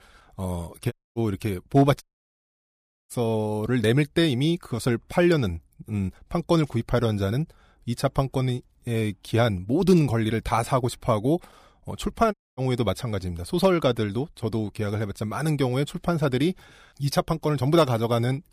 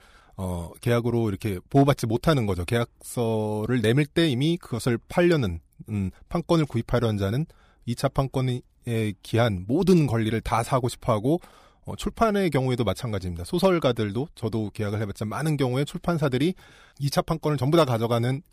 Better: second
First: audio cutting out; at 1 s, at 2 s for 1 s and at 12 s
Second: none

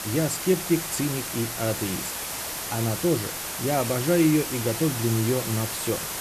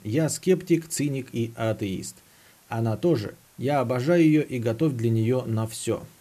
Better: second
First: hiss; loud; throughout; 4 dB below the speech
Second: hiss; faint; throughout; 30 dB below the speech

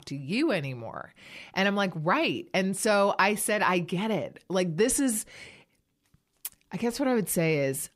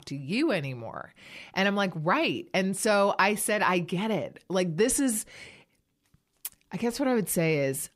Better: neither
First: none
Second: none

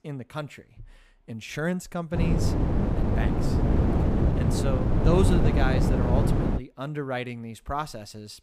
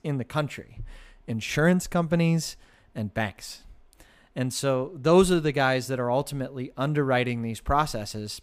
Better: second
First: wind noise on the microphone; heavy; from 2 to 6.5 s; 1 dB above the speech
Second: none

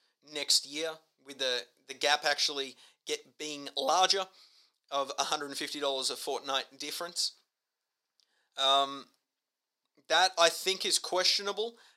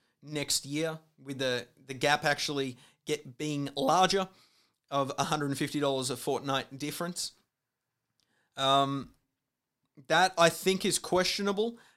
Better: second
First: thin; somewhat; fading below 500 Hz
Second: none

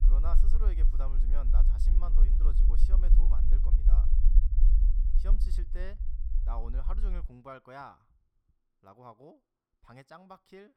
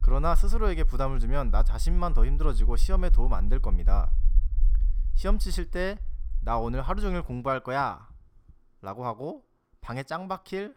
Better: second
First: low rumble; loud; until 7.5 s; 5 dB below the speech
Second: low rumble; faint; until 7.5 s; 25 dB below the speech

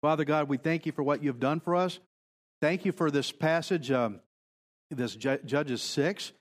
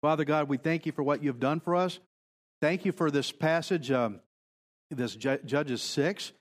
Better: neither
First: none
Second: none

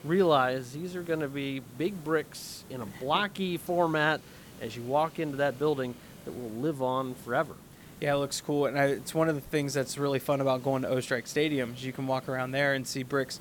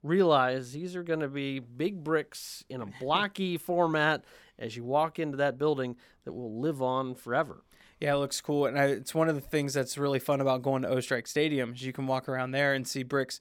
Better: second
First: hiss; noticeable; throughout; 20 dB below the speech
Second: none

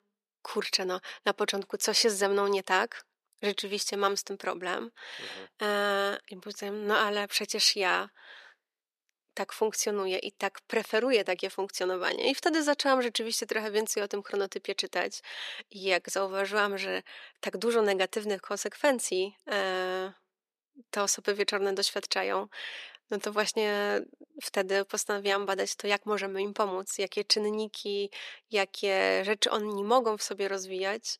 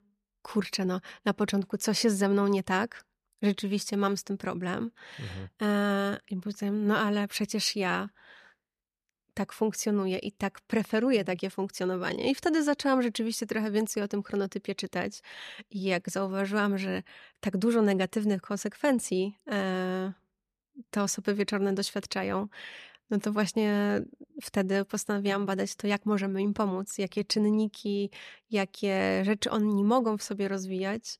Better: second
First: thin; somewhat; fading below 350 Hz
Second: none

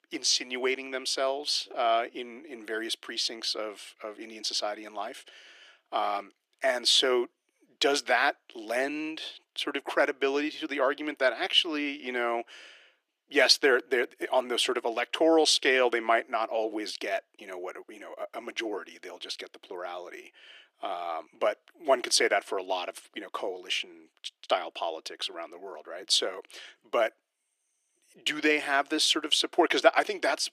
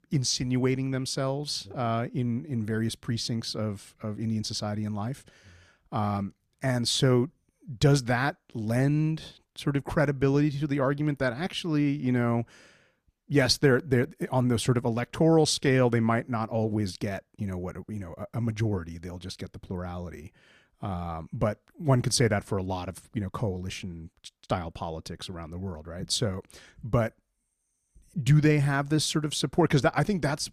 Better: second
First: thin; very; fading below 350 Hz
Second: none

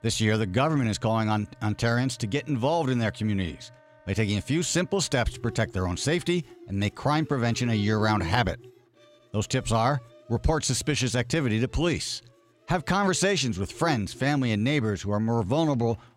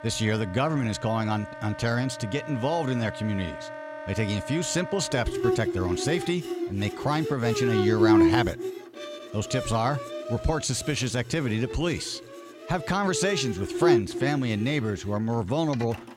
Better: first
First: background music; faint; throughout; 20 dB below the speech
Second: background music; loud; throughout; 2 dB below the speech

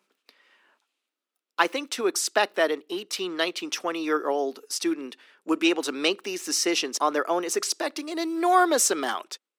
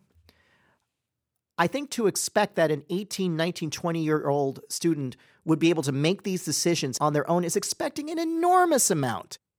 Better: second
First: thin; somewhat; fading below 250 Hz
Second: none

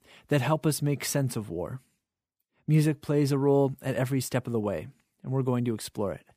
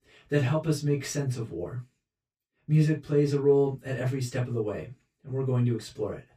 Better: first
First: none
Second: room echo; very slight; dies away in 0.1 s // off-mic speech; far

